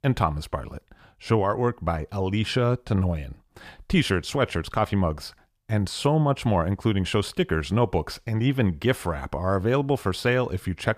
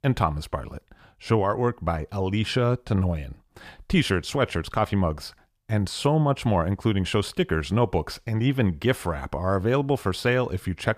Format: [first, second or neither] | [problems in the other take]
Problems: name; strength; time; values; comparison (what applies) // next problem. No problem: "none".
neither | none